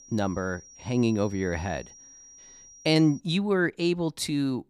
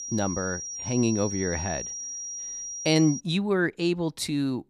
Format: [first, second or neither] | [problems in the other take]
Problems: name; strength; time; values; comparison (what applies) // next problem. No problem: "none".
first | high-pitched whine; loud; until 3 s; 5.5 kHz, 6 dB below the speech; faint in the first